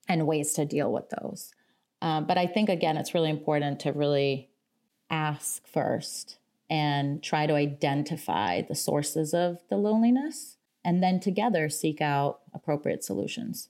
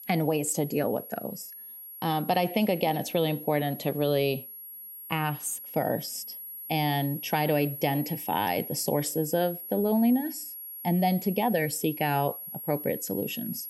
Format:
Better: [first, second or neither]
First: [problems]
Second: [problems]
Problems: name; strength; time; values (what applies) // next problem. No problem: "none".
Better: first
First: none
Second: high-pitched whine; loud; throughout; 11.5 kHz, 10 dB below the speech